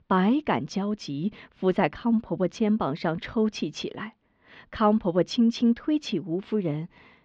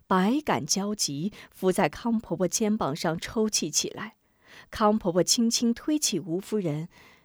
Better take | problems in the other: second | muffled; very; fading above 3.5 kHz

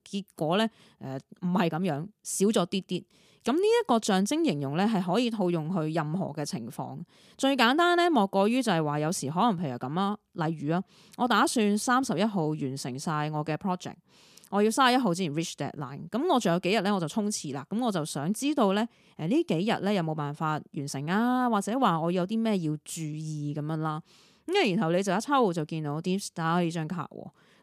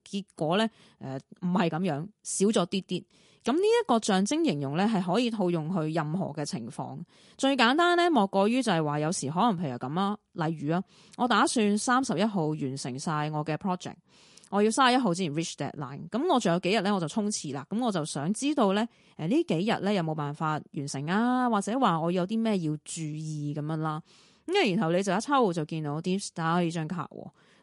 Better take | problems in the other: first | garbled, watery; slightly; nothing above 10.5 kHz

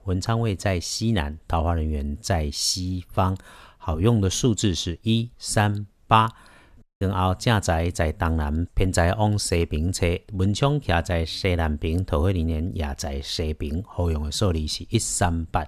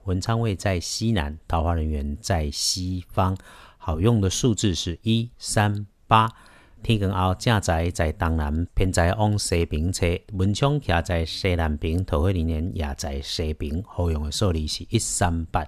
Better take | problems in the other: second | audio cutting out; at 7 s

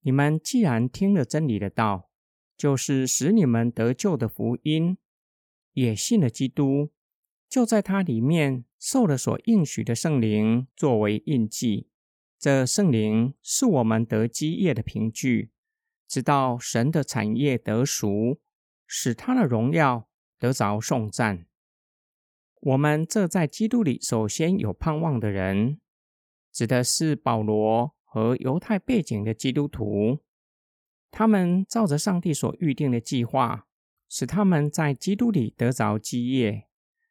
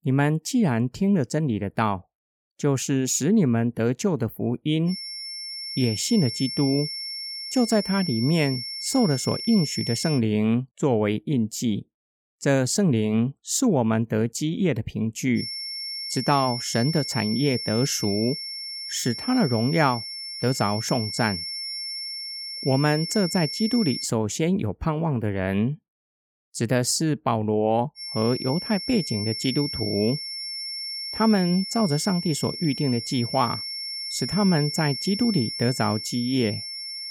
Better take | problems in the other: first | high-pitched whine; loud; from 5 to 10 s, from 15 to 24 s and from 28 s on; 5.5 kHz, 6 dB below the speech

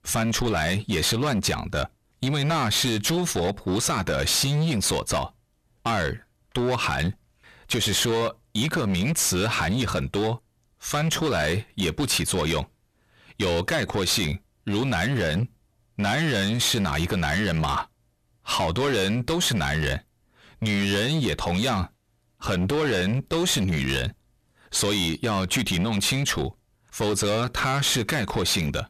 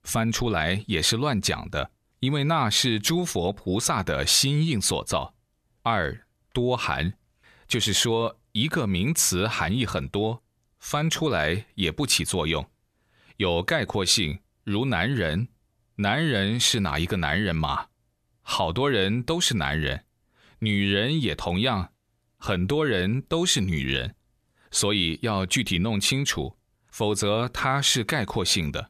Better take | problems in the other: second | distortion; heavy; 20% of the sound clipped

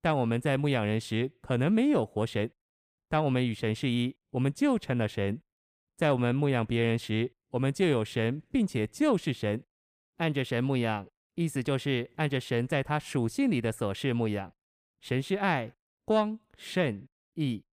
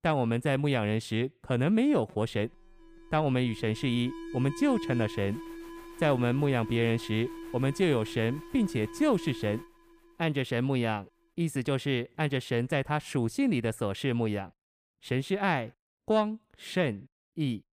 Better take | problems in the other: first | alarm; noticeable; from 2 to 9.5 s; peak 7 dB below the speech

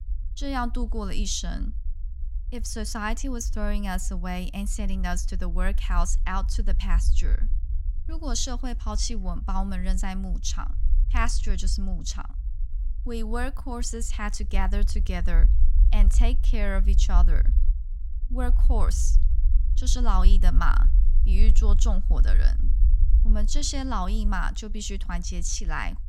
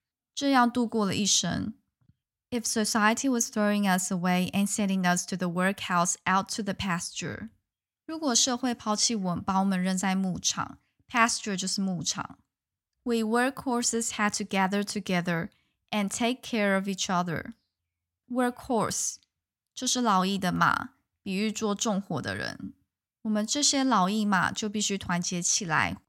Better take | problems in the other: second | low rumble; noticeable; throughout; 15 dB below the speech

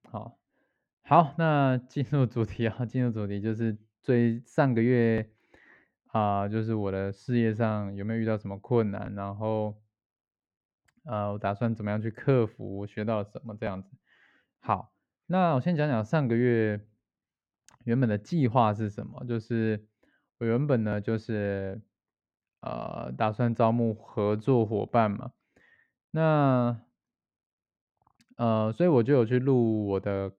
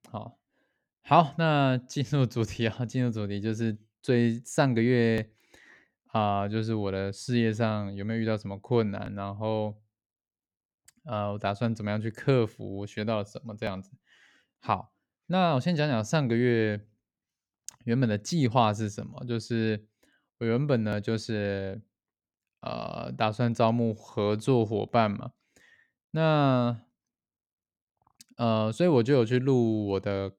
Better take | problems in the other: second | muffled; slightly; fading above 3.5 kHz

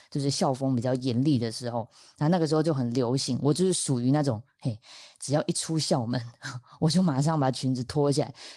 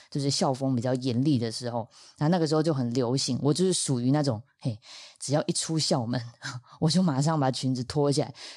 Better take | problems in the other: second | garbled, watery; slightly

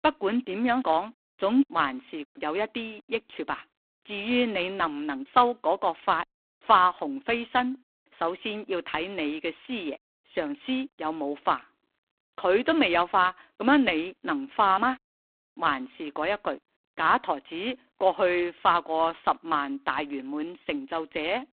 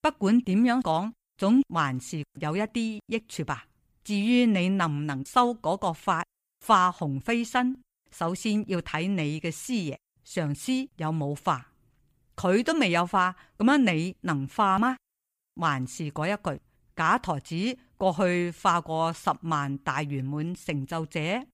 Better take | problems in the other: second | phone-call audio; poor line

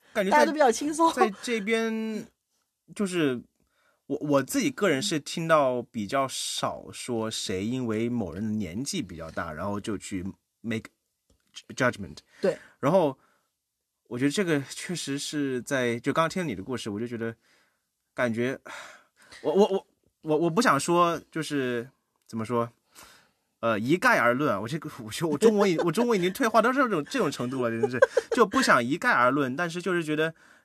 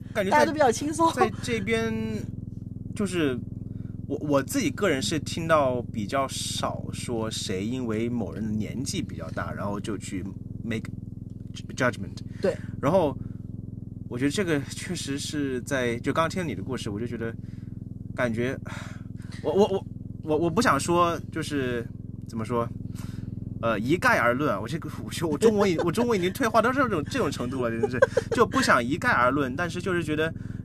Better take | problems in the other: first | low rumble; faint; throughout; 20 dB below the speech

